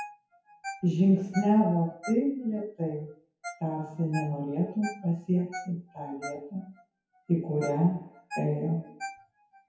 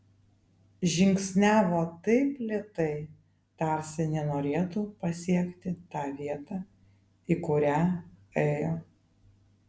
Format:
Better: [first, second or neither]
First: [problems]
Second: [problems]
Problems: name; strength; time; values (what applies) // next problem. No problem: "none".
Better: second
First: noise reduction (classical method WPE with log-MMSE)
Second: none